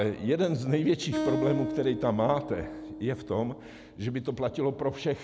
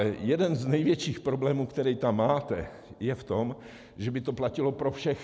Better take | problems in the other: second | background sound (Acoustic guitar); 8 dB below the speech

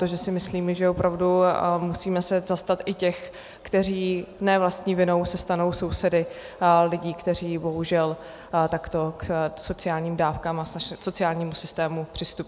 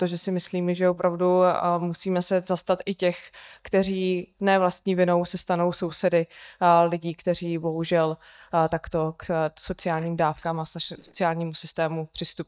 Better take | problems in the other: first | noise reduction (neural mask model DeepFilterNet 3)

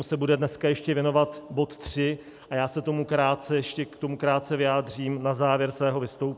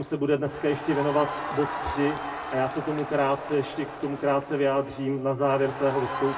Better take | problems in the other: first | background sound (Crowd); 9 dB below the speech // room echo; dies away in 1.9 s

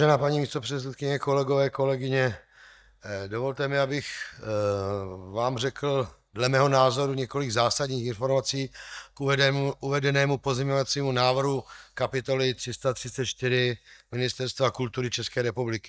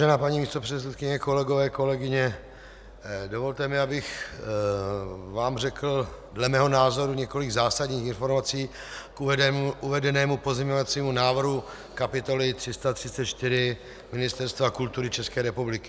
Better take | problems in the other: second | noise reduction (neural mask model DeepFilterNet 3)

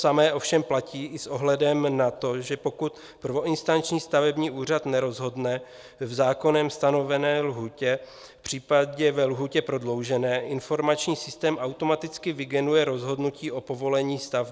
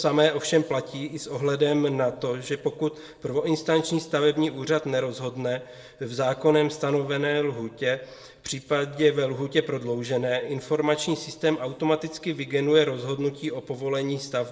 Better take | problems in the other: first | room echo; dies away in 1 s

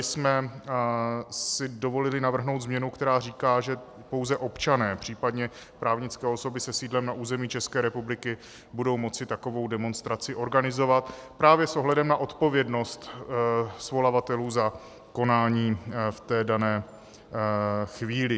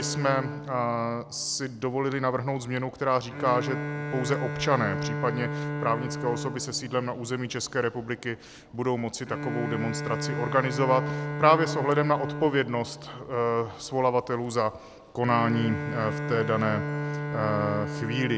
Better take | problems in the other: first | background sound (Bowed string instrument); 6 dB below the speech

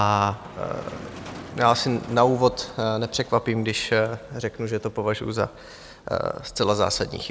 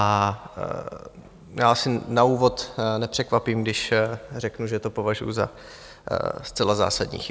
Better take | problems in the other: second | background sound (Motor vehicle (road)); 20 dB below the speech

